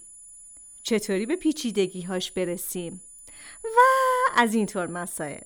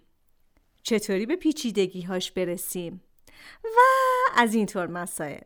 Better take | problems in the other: second | high-pitched whine; noticeable; throughout; 10 kHz, 20 dB below the speech

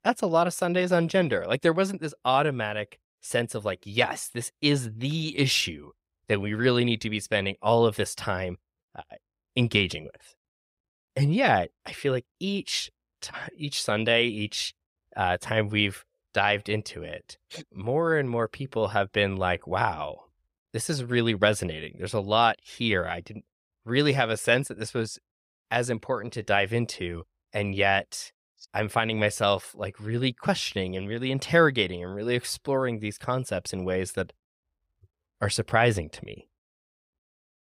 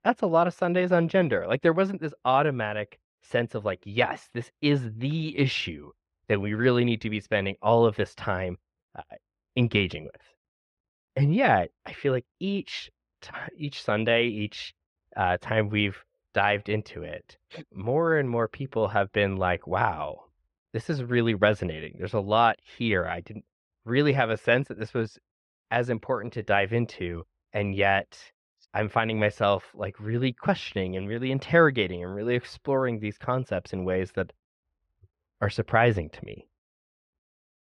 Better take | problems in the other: first | muffled; slightly; fading above 2.5 kHz

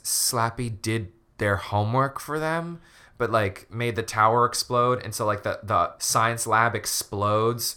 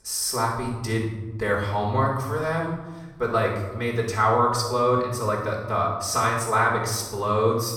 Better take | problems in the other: first | off-mic speech; far // room echo; noticeable; dies away in 1.1 s

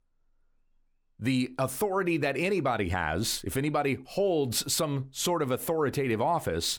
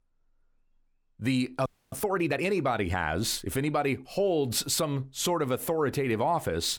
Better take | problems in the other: first | audio freezing; at 1.5 s

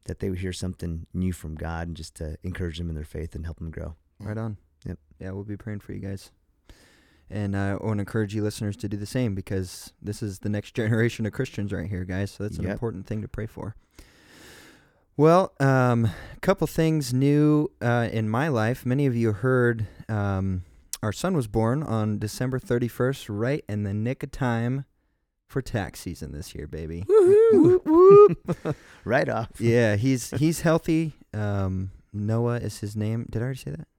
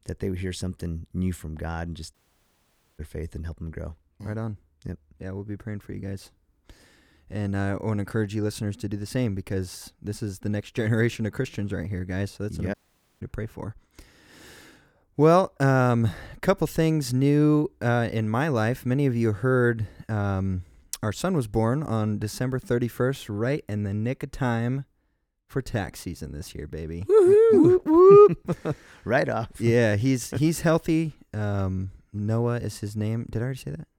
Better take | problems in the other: first | audio cutting out; at 2 s for 1 s and at 13 s

